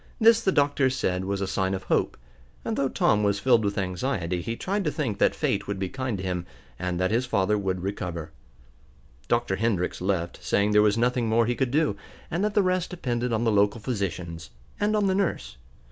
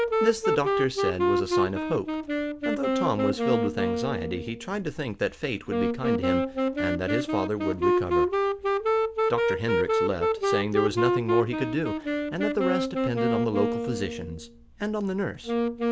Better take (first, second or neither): first